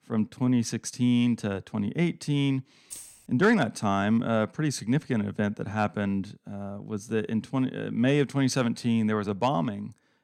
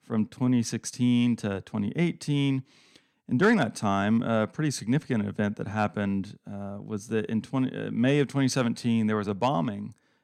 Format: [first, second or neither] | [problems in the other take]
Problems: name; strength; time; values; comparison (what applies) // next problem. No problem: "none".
second | jangling keys; faint; at 3 s; peak 15 dB below the speech